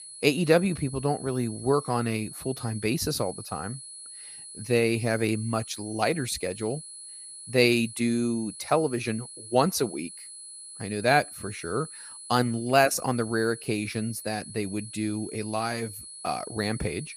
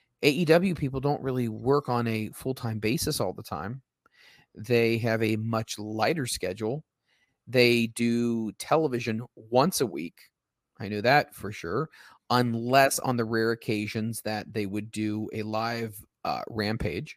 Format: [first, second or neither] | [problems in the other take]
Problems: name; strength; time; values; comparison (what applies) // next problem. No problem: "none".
second | high-pitched whine; noticeable; throughout; 10 kHz, 15 dB below the speech